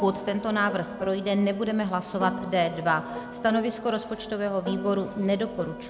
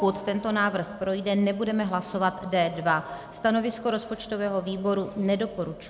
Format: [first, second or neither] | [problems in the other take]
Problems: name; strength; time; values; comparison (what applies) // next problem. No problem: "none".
second | background sound (Piano); 11 dB below the speech